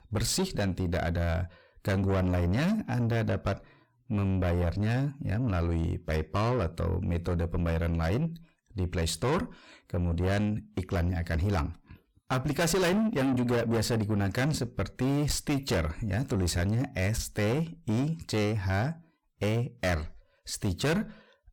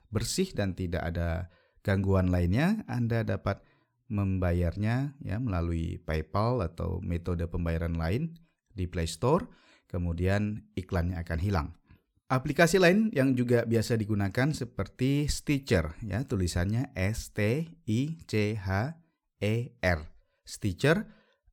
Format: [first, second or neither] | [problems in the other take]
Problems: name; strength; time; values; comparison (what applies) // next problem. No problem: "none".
second | distortion; heavy; 7 dB below the speech